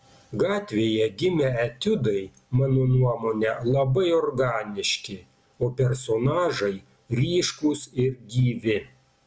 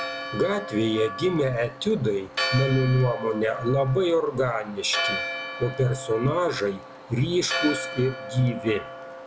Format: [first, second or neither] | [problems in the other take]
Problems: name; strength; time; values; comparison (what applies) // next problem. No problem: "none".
first | background sound (Church bell); 8 dB below the speech